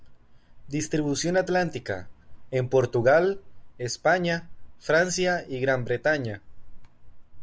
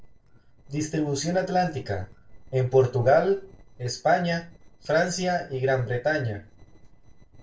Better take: first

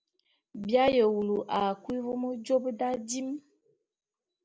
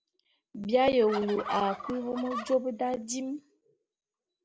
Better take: first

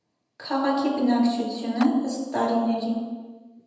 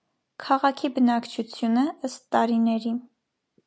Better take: second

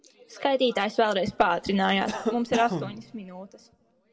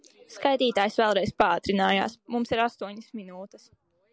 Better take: second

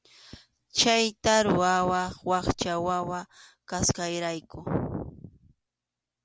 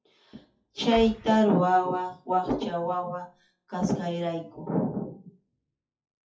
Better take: first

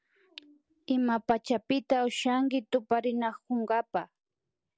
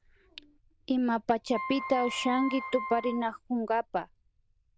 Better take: first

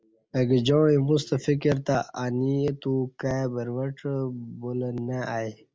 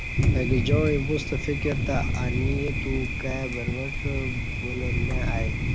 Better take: first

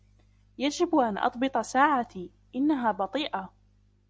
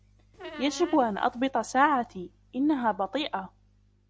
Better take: first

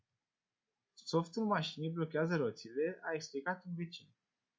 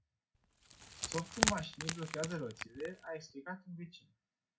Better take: first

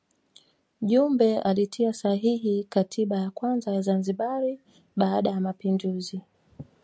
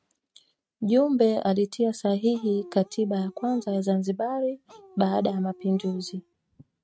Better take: first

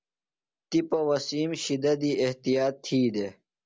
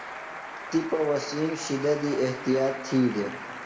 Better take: first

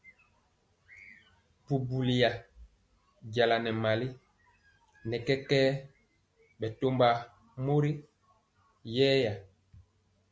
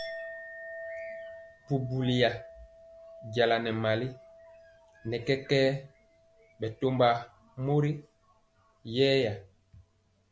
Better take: first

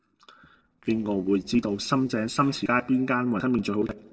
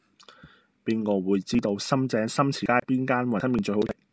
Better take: second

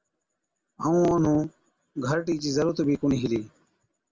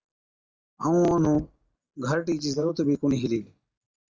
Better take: first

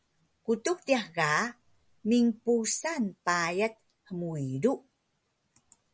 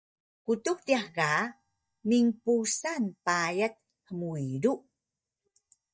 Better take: first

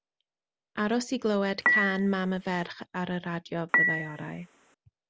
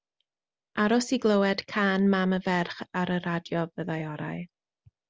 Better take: second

